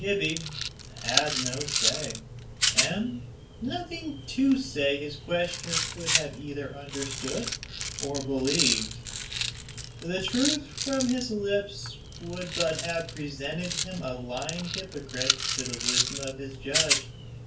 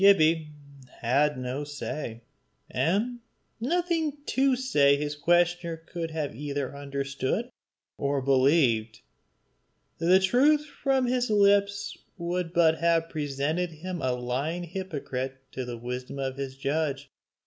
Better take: second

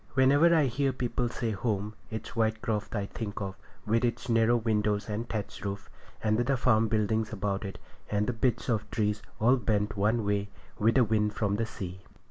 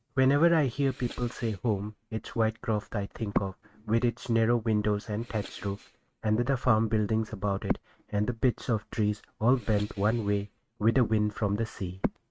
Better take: first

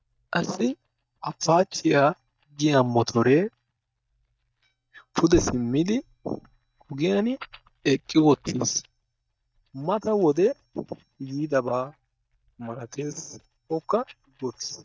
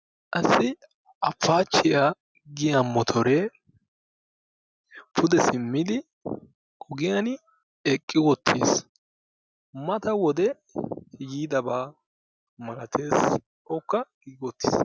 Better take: second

